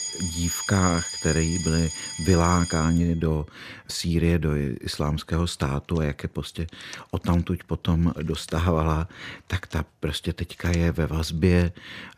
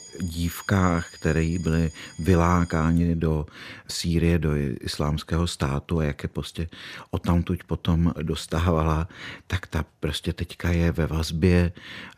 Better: second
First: alarms or sirens; loud; throughout; 6 dB below the speech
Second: alarms or sirens; faint; throughout; 20 dB below the speech

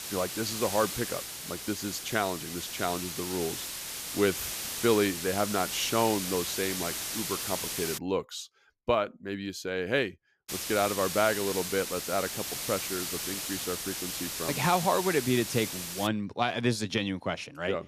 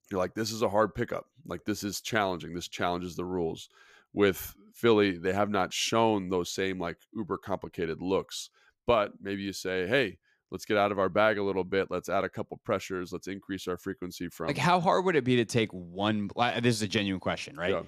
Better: second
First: hiss; loud; until 8 s and from 10 to 16 s; 3 dB below the speech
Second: none

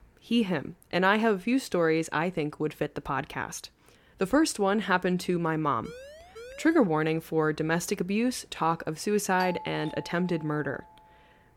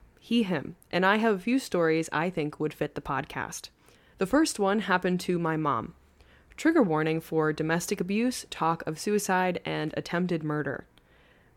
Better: second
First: siren; faint; from 6 to 7 s; peak 15 dB below the speech // doorbell; faint; from 9.5 to 11 s; peak 10 dB below the speech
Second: none

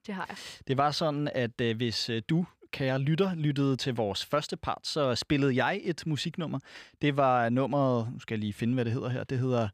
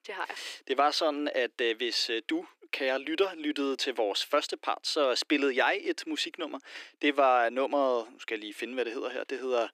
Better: first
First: none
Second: thin; somewhat; fading below 300 Hz

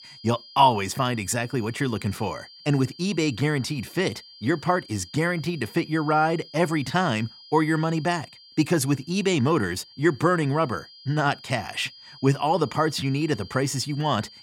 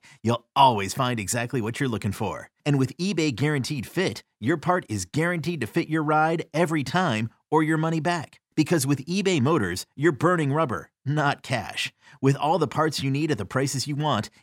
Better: second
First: high-pitched whine; faint; throughout; 5 kHz, 20 dB below the speech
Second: none

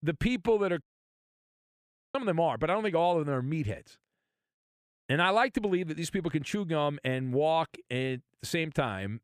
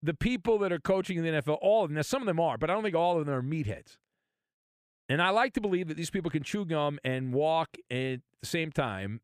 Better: second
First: audio cutting out; at 1 s for 1.5 s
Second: none

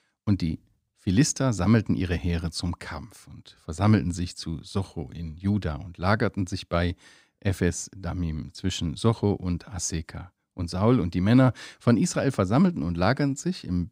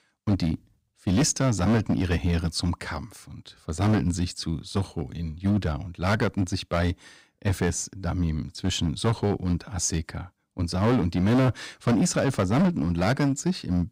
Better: first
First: none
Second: distortion; heavy; 9% of the sound clipped

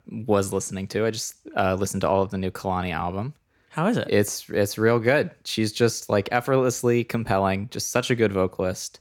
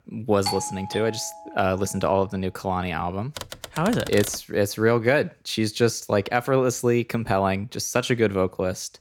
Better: first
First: none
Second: doorbell; noticeable; at 0.5 s; peak 5 dB below the speech // keyboard typing; noticeable; from 3.5 to 4.5 s; peak 10 dB below the speech

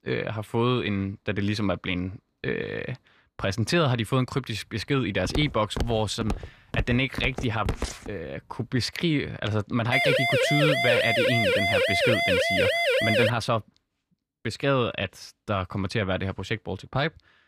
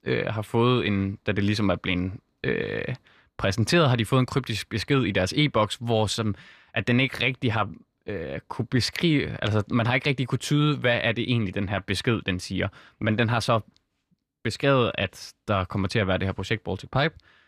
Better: second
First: footsteps; noticeable; from 5.5 to 8 s; peak 4 dB below the speech // siren; loud; from 10 to 13 s; peak 6 dB above the speech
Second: none

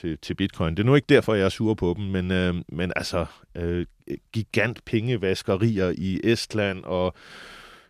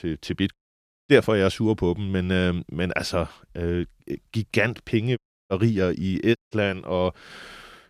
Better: first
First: none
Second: audio cutting out; at 0.5 s for 0.5 s, at 5 s and at 6.5 s

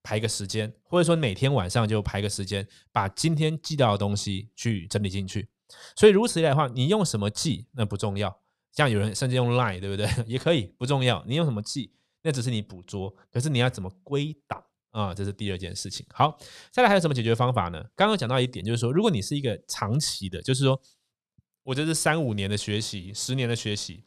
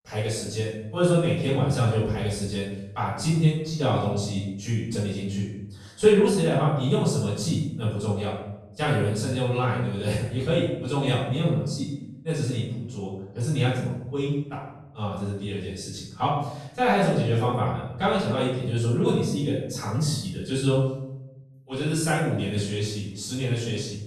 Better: first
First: none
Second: off-mic speech; far // room echo; strong; dies away in 0.8 s

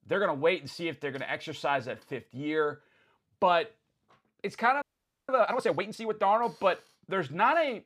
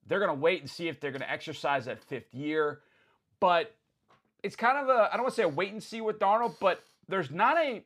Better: second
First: audio freezing; at 5 s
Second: none

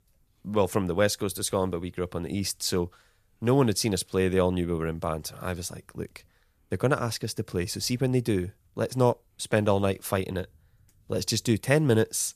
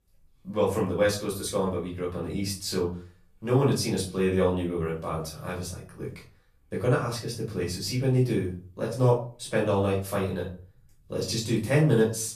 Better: first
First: none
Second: off-mic speech; far // room echo; slight; dies away in 0.3 s

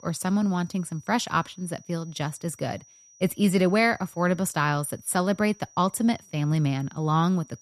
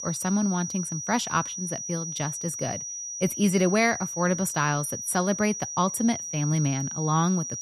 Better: first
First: high-pitched whine; faint; throughout; 6 kHz, 25 dB below the speech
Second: high-pitched whine; loud; throughout; 6 kHz, 5 dB below the speech

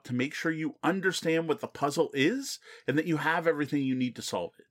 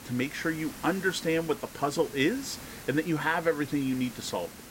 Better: first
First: none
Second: hiss; noticeable; throughout; 15 dB below the speech

